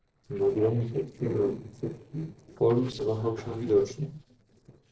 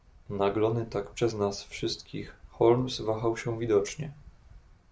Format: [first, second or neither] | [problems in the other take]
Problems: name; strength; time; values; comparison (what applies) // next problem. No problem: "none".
second | noise reduction (neural separator model SepFormer DNS4)